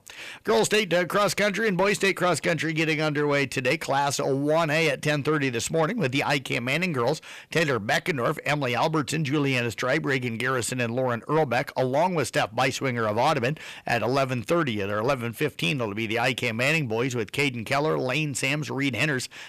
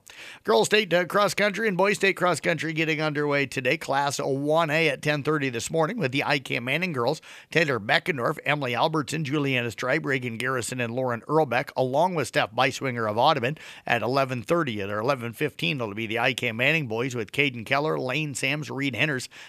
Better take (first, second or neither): second